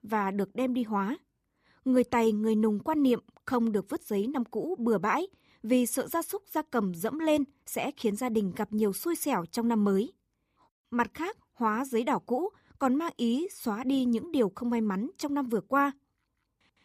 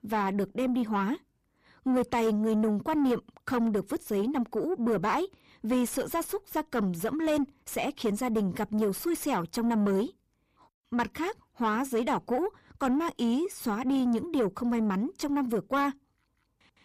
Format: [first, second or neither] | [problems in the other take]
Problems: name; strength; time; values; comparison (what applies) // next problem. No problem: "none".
first | distortion; slight; 10 dB below the speech